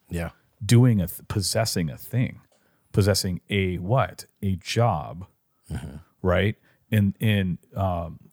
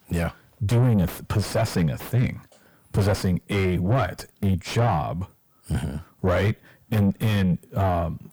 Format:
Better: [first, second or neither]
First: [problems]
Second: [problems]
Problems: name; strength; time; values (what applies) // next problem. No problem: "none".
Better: first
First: none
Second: distortion; heavy; 5 dB below the speech